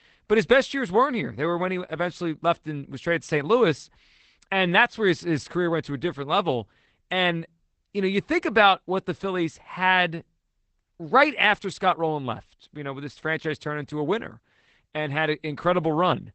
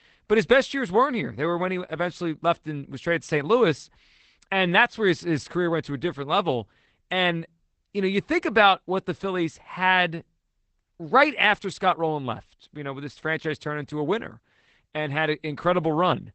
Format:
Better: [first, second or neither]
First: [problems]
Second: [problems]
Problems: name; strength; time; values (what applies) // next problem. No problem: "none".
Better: neither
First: garbled, watery; badly; nothing above 8 kHz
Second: garbled, watery; badly; nothing above 8 kHz